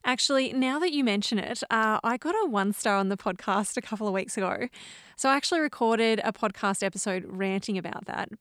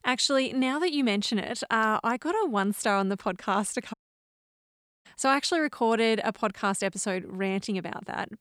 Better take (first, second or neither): first